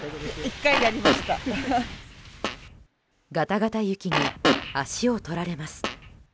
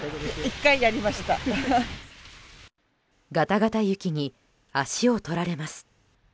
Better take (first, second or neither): second